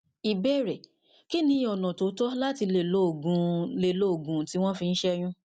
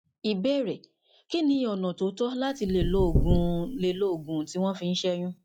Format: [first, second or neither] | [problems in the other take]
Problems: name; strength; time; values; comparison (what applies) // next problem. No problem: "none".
first | noise reduction (classical method log-MMSE)